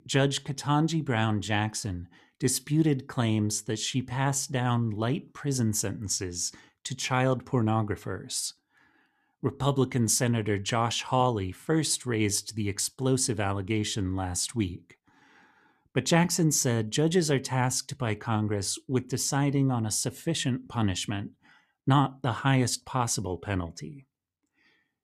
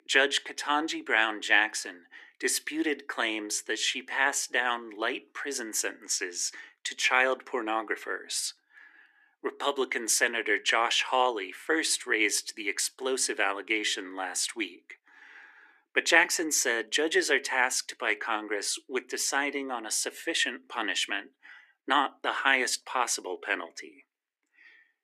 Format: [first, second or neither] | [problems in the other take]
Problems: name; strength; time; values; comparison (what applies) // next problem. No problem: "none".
first | thin; very; fading below 300 Hz